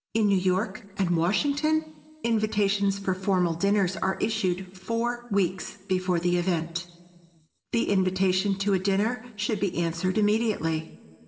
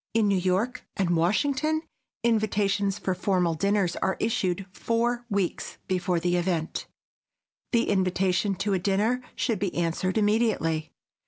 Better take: second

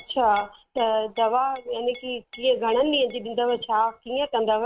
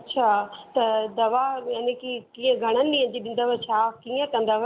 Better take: second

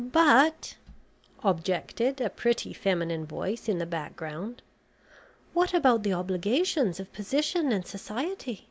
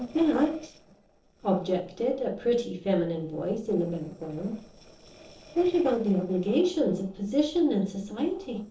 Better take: first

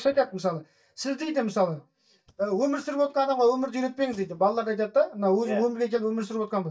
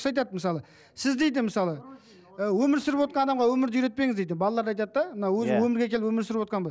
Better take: second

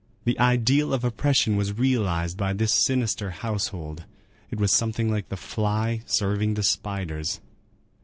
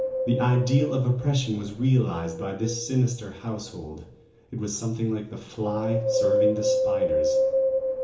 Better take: first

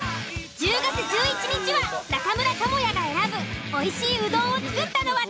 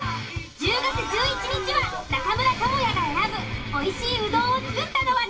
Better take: first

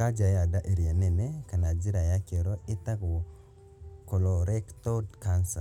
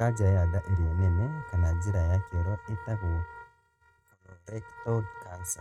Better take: first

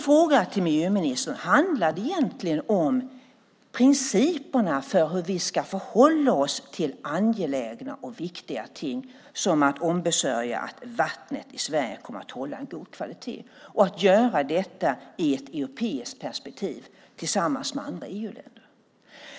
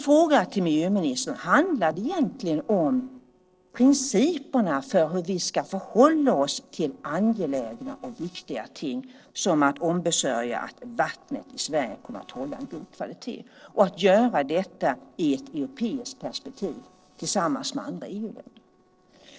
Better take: first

